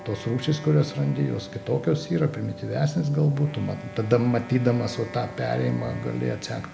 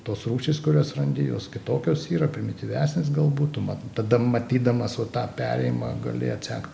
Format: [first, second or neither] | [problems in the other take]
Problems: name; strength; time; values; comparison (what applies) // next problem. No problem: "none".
second | background sound (Wind instrument, woodwind instrument + Wind instrument, woodwind instrument); 17 dB below the speech